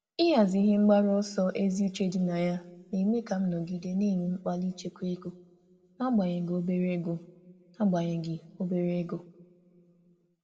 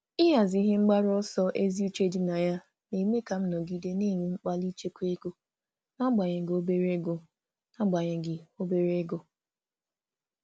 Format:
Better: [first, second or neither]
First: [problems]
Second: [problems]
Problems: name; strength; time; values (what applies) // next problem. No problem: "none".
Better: second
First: room echo; dies away in 1.1 s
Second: none